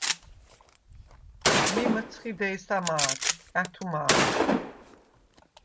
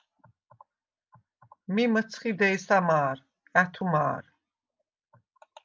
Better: second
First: background sound (Gunshot, gunfire); 5 dB above the speech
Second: none

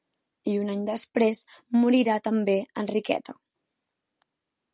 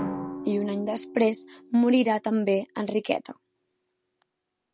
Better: first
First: none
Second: background sound (Drum); 13 dB below the speech

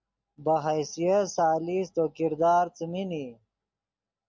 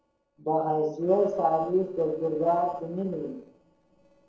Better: first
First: none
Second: noise reduction (neural separator model SepFormer DNS4)

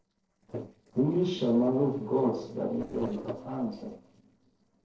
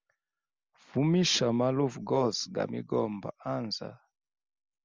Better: second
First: noise reduction (neural separator model SepFormer DNS4)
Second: none

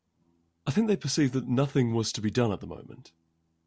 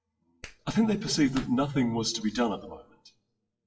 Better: first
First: none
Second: noise reduction (classical method WPE with log-MMSE)

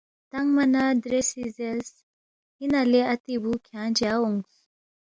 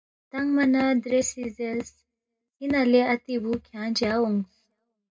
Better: first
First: none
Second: room echo; dies away in 0.2 s

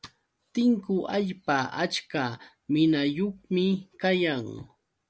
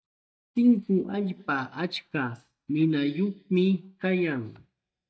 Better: first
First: none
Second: noise reduction (neural mask model DeepFilterNet 3)

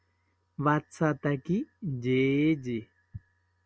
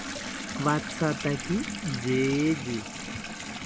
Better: first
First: none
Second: background sound (Bathtub (filling or washing) / Water tap, faucet + Sink (filling or washing) / Water tap, faucet); 6 dB below the speech

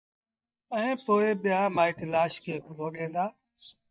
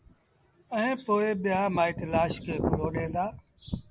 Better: second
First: noise reduction (neural mask model DeepFilterNet 3)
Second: none

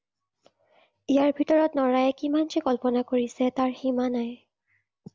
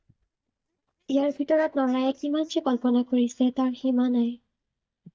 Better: first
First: none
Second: noise reduction (neural mask model DeepFilterNet 3)

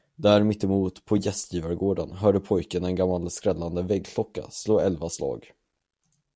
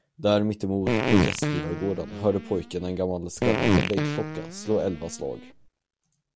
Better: first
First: none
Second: background sound (Fart); 1 dB above the speech

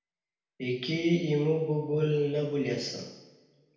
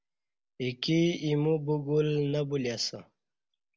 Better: second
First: room echo; dies away in 0.9 s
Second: none

